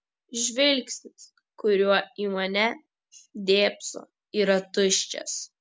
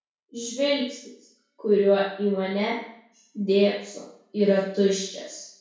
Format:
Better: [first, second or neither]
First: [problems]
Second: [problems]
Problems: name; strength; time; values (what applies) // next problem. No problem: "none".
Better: first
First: none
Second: room echo; dies away in 0.6 s